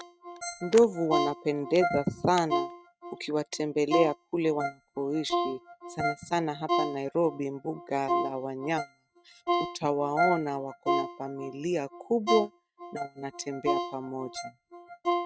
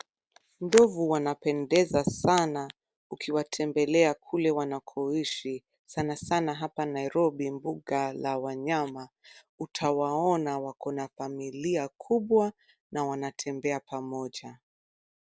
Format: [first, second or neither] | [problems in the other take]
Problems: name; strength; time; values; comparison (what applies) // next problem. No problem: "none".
second | noise reduction (neural mask model RNNoise)